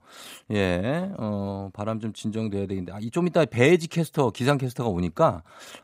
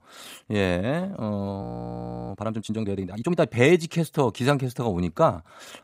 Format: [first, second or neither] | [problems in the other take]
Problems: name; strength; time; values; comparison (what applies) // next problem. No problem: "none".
first | audio freezing; at 1.5 s for 0.5 s